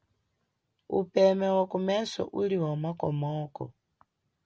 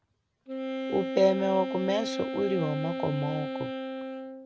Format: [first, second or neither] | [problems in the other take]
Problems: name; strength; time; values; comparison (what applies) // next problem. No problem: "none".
first | background sound (Wind instrument, woodwind instrument); 4 dB below the speech